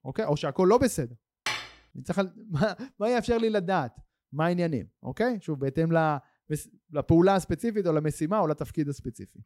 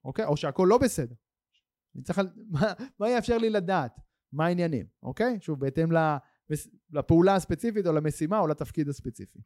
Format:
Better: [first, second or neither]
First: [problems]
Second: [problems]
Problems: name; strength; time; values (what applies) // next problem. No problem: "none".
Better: second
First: clattering dishes; noticeable; at 1.5 s; peak 5 dB below the speech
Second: none